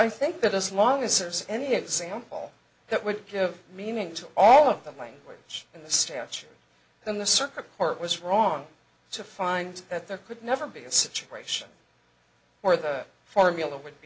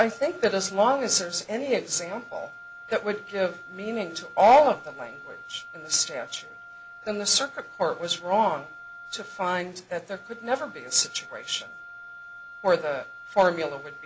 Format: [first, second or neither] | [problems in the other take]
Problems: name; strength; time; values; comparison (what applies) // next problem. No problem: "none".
first | background sound (Wind instrument, woodwind instrument); 17 dB below the speech